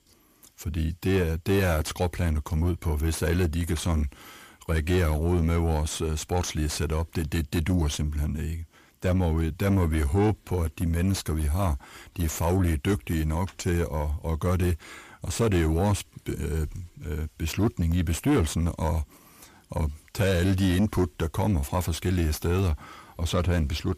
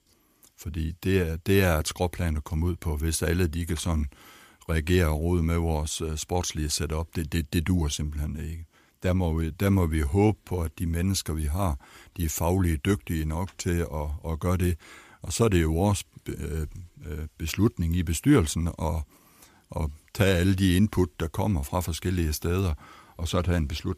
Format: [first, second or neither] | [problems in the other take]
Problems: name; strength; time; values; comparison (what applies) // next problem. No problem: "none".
second | distortion; slight; 10 dB below the speech